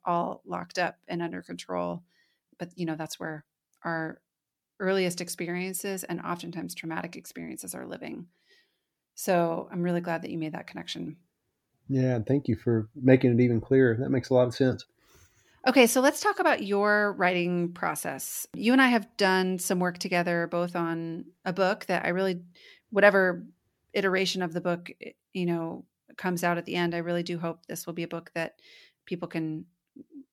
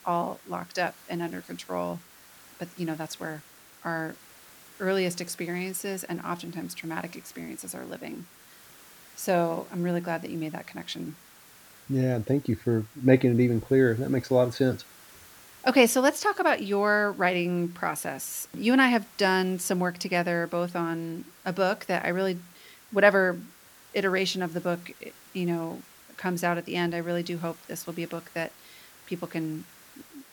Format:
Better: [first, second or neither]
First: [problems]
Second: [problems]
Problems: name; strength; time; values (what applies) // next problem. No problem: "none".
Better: first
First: none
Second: hiss; faint; throughout; 25 dB below the speech